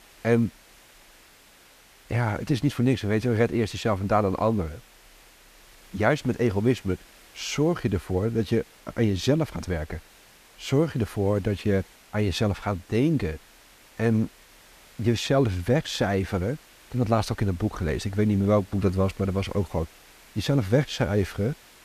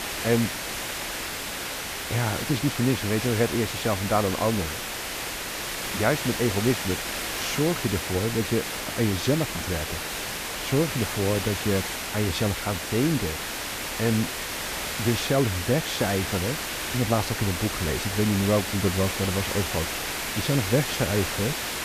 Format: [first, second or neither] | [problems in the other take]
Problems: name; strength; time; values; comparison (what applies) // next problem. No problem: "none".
first | hiss; loud; throughout; 3 dB below the speech; faint in the first